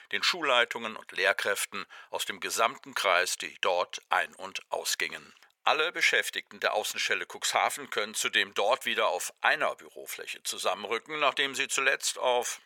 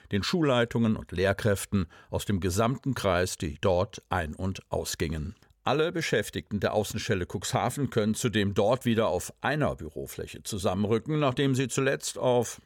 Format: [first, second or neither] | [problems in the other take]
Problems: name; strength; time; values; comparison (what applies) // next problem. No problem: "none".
second | thin; very; fading below 850 Hz